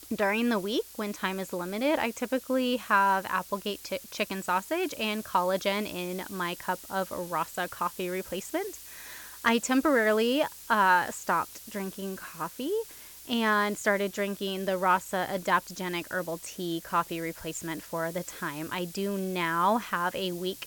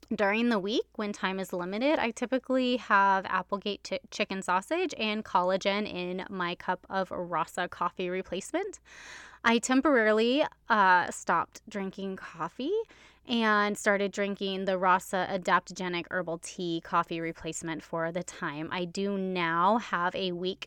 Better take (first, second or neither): second